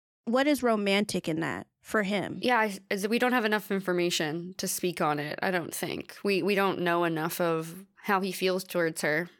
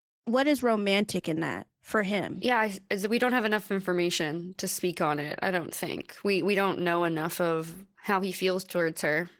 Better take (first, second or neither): first